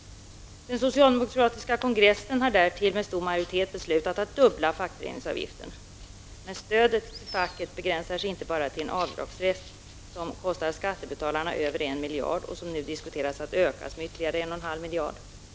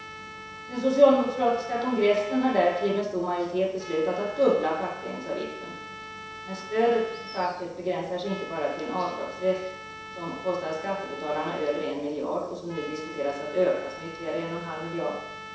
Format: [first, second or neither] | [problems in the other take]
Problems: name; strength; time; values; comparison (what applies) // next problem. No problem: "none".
first | background sound (Trumpet); 14 dB below the speech // room echo; dies away in 0.7 s